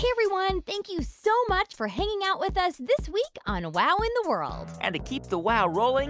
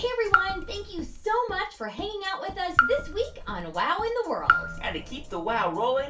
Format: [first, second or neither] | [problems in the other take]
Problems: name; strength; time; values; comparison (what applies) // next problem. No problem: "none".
first | background sound (Raindrop / Drip); as loud as the speech // room echo; dies away in 0.3 s